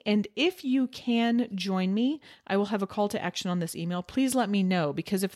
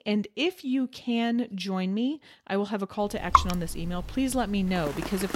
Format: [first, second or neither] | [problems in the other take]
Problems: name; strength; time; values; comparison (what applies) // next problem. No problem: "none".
first | rain or running water; very loud; from 3 s on; 2 dB above the speech